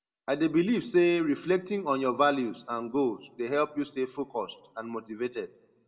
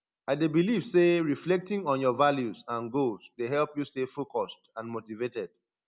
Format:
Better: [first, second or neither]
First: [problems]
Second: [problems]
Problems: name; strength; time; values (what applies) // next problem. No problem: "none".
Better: second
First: room echo; dies away in 0.3 s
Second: none